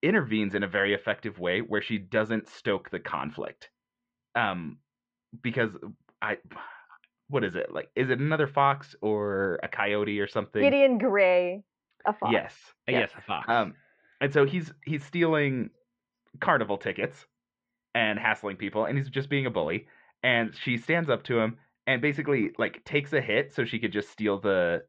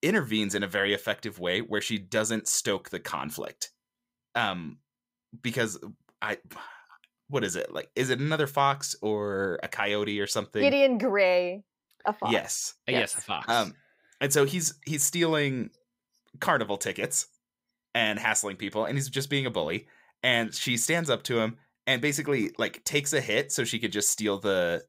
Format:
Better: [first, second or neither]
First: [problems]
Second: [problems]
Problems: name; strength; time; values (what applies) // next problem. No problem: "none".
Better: second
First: muffled; very; fading above 3 kHz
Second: none